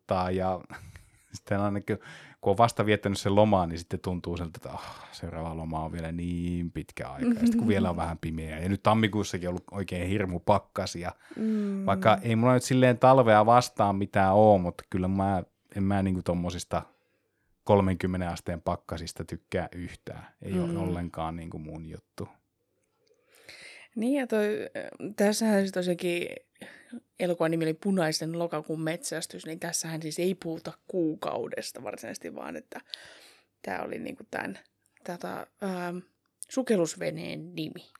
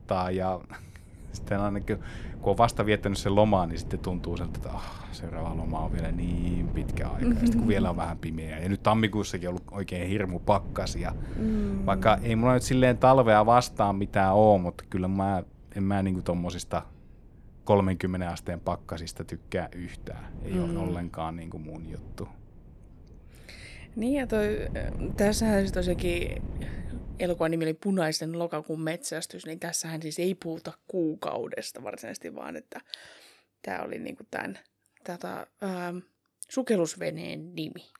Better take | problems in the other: first | wind noise on the microphone; occasional gusts; until 27 s; 20 dB below the speech

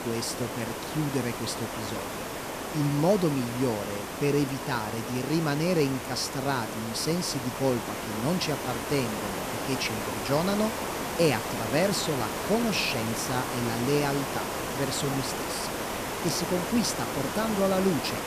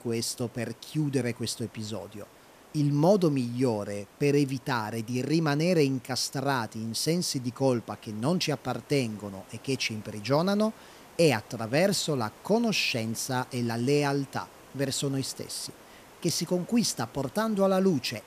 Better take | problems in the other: second | hiss; loud; throughout; 4 dB below the speech; faint in the second

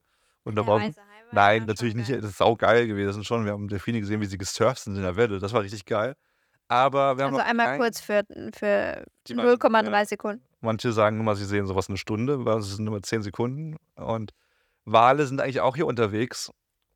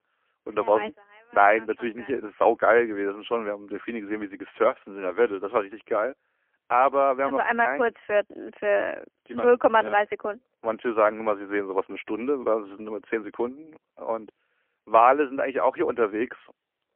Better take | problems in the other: first | phone-call audio; poor line

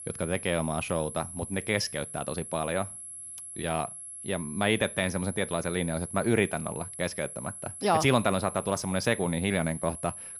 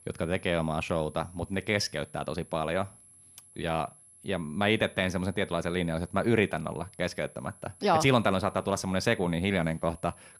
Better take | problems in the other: second | high-pitched whine; loud; throughout; 11 kHz, 9 dB below the speech; faint in the second

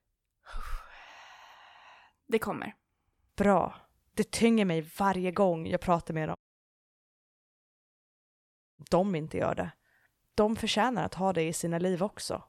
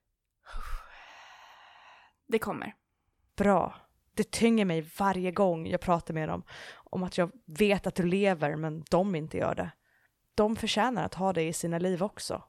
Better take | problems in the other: second | audio cutting out; at 6.5 s for 2.5 s

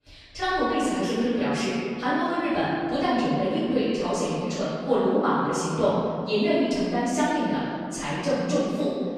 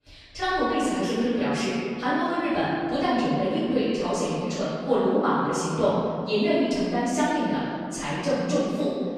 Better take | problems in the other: neither | off-mic speech; far; the same in both // room echo; strong; dies away in 2.3 s; the same in both

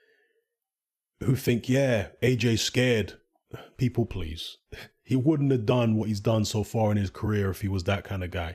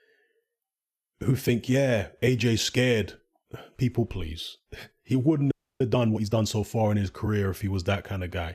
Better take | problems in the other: first | audio freezing; at 5.5 s

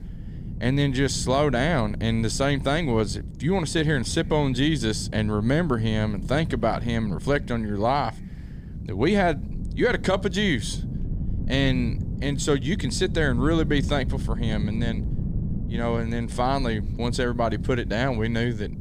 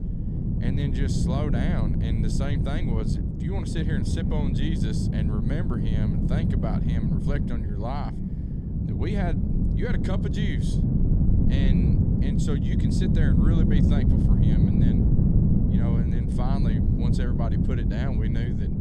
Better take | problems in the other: first | wind noise on the microphone; heavy; 3 dB above the speech; occasional gusts in the first

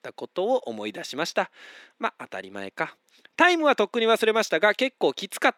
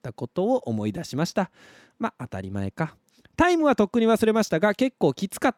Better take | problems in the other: second | thin; somewhat; fading below 400 Hz

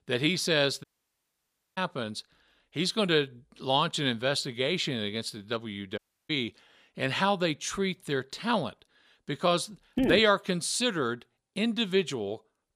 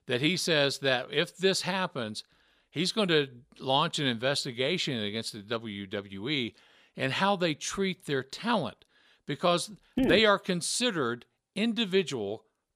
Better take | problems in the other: second | audio cutting out; at 1 s for 1 s and at 6 s

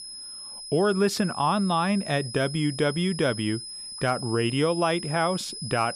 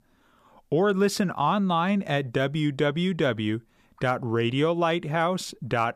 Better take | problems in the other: second | high-pitched whine; loud; throughout; 5 kHz, 10 dB below the speech

